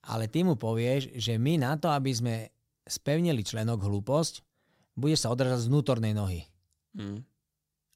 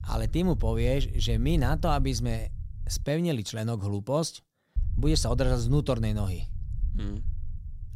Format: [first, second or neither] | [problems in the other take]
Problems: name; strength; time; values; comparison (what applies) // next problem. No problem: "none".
first | low rumble; faint; until 3 s and from 5 s on; 20 dB below the speech